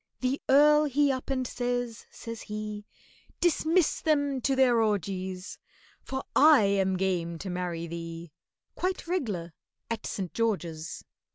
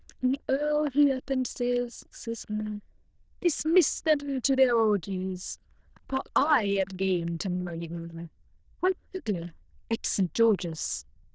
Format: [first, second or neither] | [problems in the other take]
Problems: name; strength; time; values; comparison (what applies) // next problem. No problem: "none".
first | noise reduction (neural diffusion model UNIVERSE++)